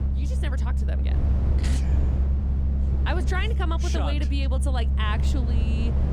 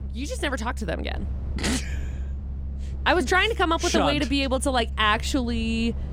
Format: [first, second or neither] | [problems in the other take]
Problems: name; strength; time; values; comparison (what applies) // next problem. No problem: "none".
second | low rumble; loud; throughout; 6 dB below the speech; faint in the second